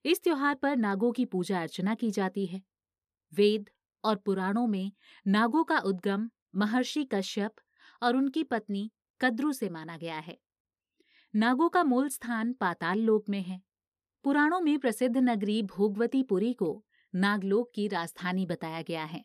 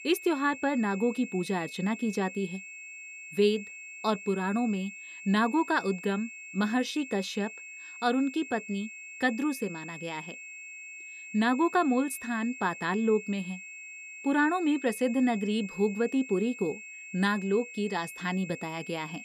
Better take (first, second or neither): first